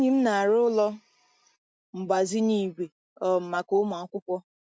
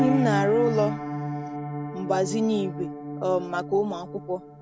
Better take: first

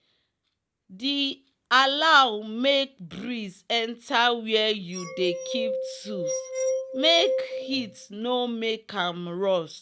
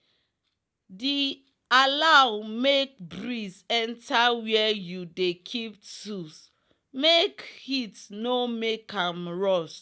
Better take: second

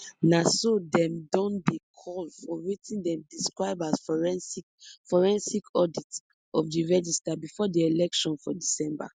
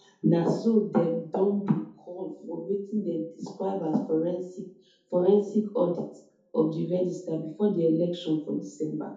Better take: first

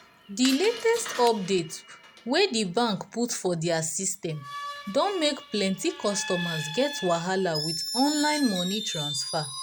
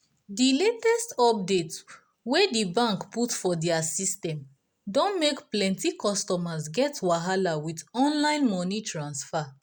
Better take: second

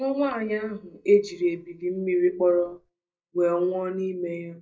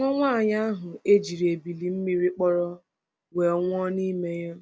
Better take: second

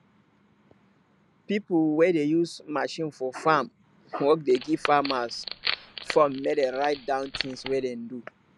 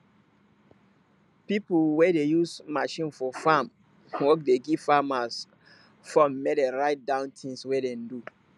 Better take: second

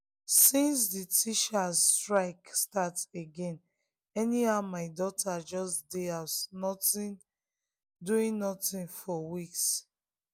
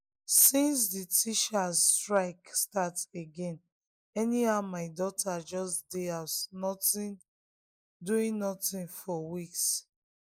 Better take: first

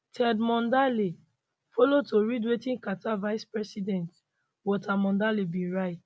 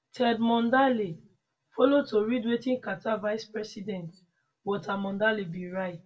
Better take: first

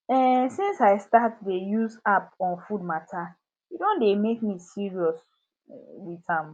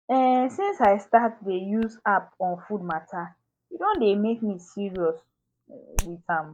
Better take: first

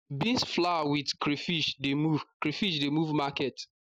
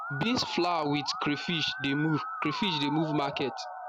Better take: first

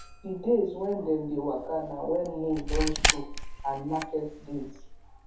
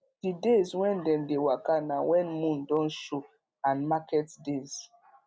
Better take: second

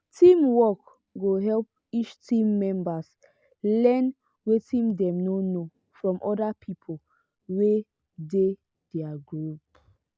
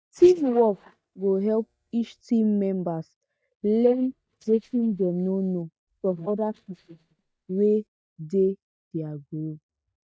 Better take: first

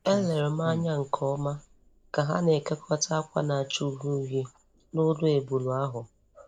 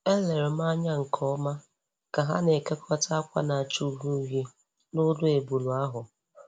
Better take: second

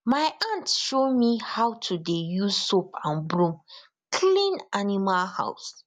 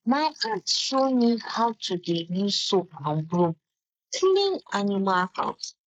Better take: first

